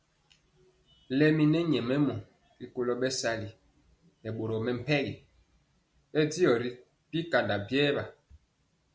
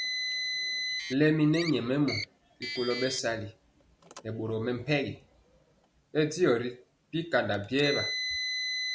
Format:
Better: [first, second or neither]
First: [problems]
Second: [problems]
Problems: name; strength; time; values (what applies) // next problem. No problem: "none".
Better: first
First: none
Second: background sound (Car); 7 dB below the speech